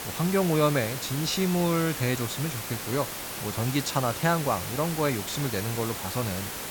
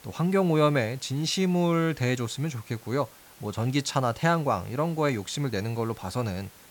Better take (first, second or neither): second